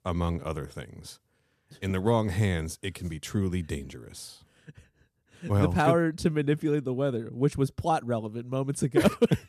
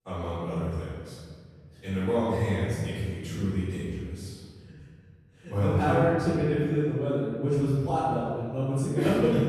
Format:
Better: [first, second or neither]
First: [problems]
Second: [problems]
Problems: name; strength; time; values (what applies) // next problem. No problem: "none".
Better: first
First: none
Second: off-mic speech; far // room echo; strong; dies away in 1.7 s